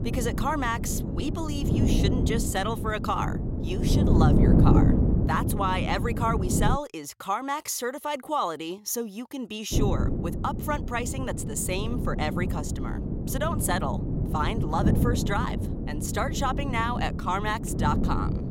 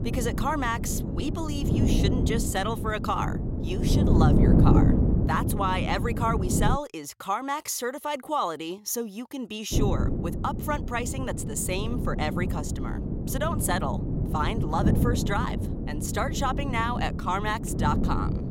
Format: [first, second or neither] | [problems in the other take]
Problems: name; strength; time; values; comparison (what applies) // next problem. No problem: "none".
neither | wind noise on the microphone; heavy; until 7 s and from 9.5 s on; 5 dB below the speech; the same in both